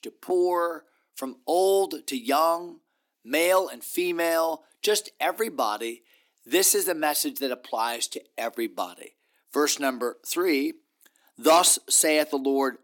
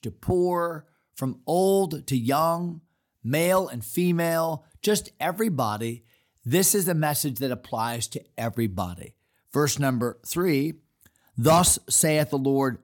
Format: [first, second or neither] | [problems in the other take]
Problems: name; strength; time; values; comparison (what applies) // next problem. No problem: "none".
second | thin; somewhat; fading below 300 Hz